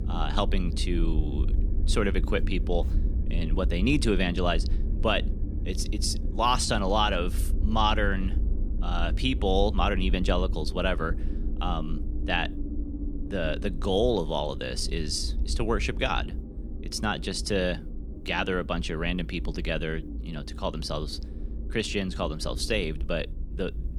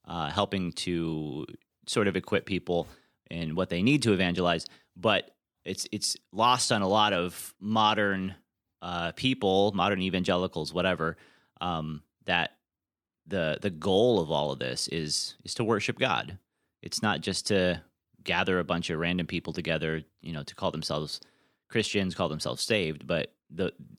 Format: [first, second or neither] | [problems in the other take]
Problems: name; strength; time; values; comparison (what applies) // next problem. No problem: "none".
second | low rumble; noticeable; throughout; 15 dB below the speech